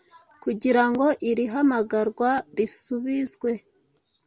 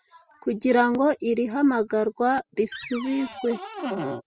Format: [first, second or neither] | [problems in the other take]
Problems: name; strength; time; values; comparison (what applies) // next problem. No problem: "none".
first | noise reduction (classical method spectral subtraction)